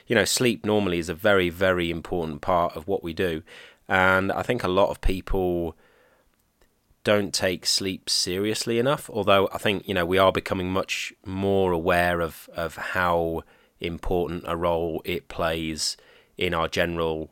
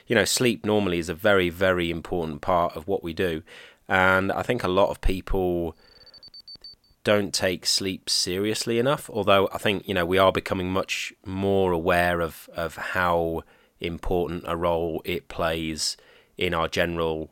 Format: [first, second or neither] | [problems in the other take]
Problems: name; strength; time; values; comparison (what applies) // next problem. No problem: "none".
first | alarm; faint; from 6 to 7 s; peak 15 dB below the speech